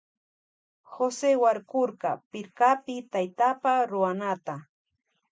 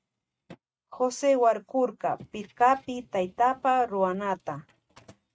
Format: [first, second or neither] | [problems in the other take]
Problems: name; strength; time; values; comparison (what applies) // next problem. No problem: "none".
first | noise reduction (neural mask model RNNoise)